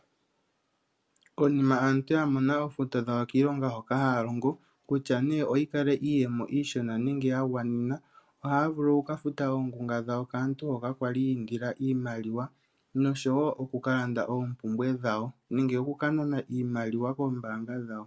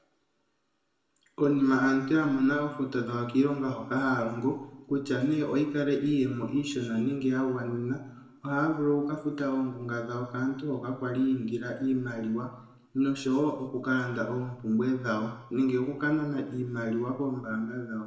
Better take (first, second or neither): first